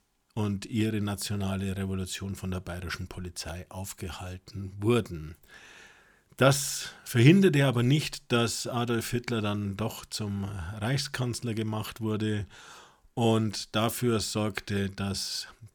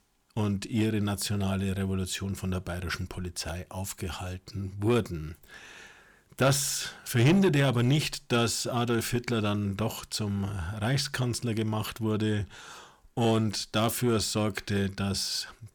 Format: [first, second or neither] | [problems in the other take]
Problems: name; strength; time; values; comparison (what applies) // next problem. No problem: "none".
first | distortion; slight; 10 dB below the speech